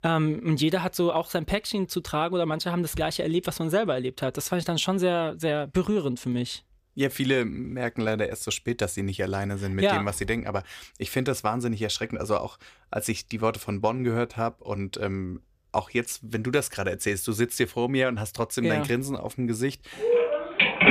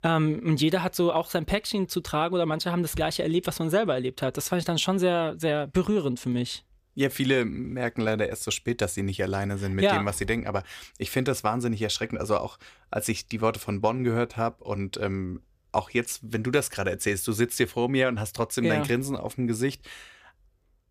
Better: second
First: phone ringing; loud; at 20 s; peak 7 dB above the speech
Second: none

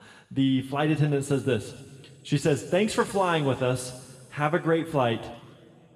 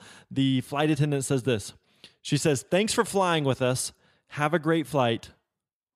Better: second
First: room echo; slight; dies away in 2.6 s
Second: none

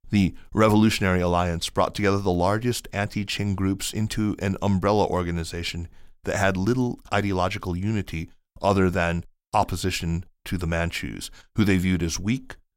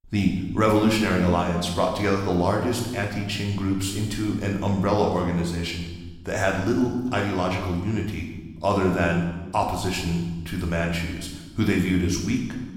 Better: first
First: none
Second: room echo; noticeable; dies away in 1 s // off-mic speech; somewhat distant

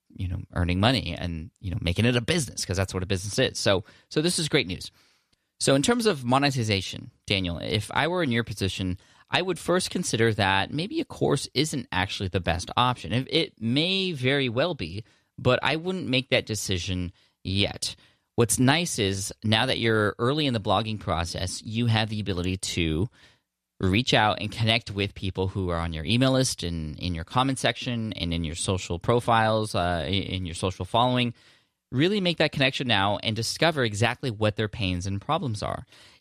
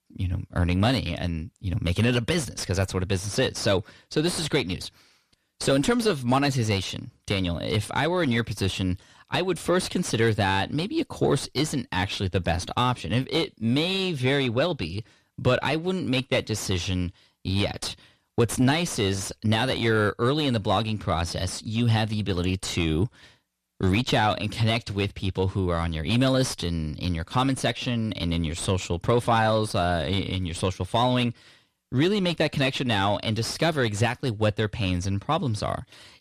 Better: first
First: none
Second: distortion; slight; 10 dB below the speech

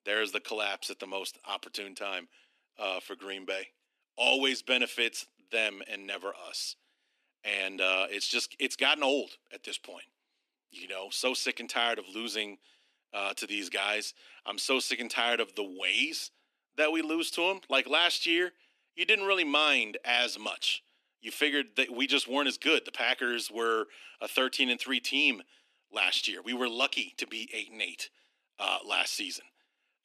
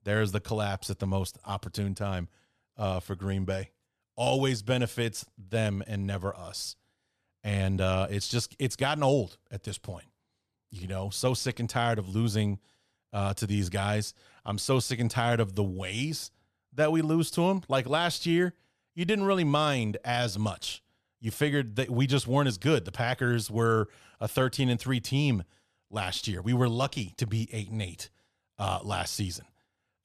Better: second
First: thin; somewhat; fading below 250 Hz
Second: none

